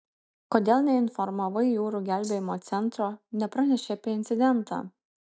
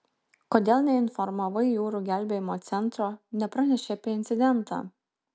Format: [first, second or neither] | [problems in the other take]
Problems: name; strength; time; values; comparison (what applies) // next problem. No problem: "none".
second | noise reduction (neural mask model DeepFilterNet 3)